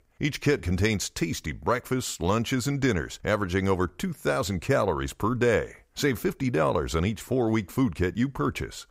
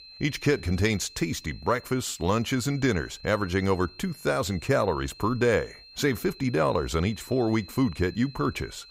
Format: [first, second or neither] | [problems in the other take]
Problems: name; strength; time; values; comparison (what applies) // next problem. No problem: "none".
first | high-pitched whine; noticeable; throughout; 4 kHz, 20 dB below the speech